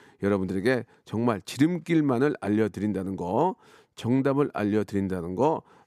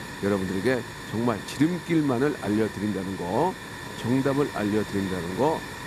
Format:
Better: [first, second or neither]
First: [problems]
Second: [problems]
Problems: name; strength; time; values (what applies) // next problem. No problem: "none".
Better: first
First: none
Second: hiss; loud; throughout; 10 dB below the speech